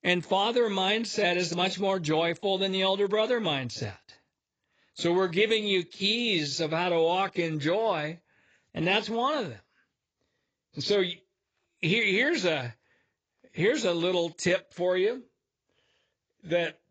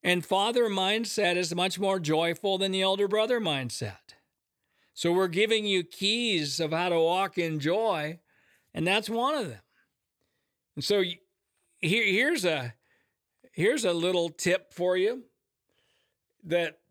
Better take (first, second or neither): second